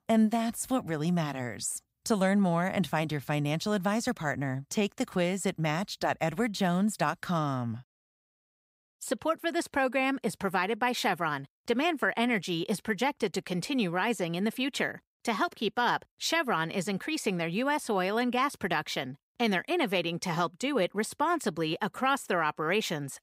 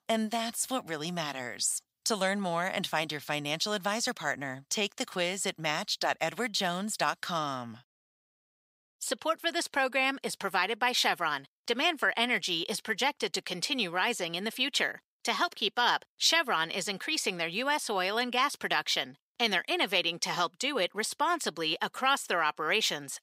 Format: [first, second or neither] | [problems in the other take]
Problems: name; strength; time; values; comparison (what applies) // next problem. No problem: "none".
first | thin; somewhat; fading below 600 Hz